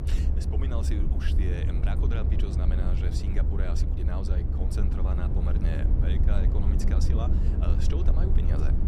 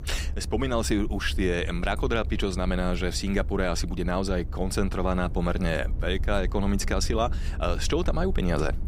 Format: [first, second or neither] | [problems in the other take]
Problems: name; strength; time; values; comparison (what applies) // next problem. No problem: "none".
second | low rumble; loud; throughout; 1 dB below the speech; faint in the second